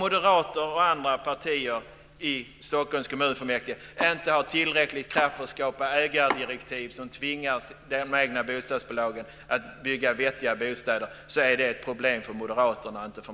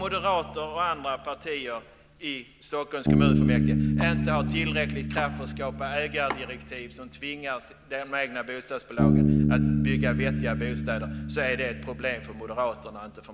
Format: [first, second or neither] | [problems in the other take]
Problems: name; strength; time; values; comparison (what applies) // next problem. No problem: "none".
first | background sound (Bass guitar); 4 dB above the speech